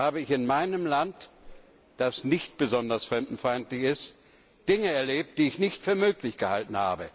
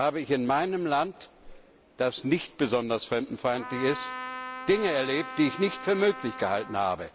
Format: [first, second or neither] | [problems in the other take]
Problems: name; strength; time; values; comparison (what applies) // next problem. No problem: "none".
first | background sound (Trumpet); 11 dB below the speech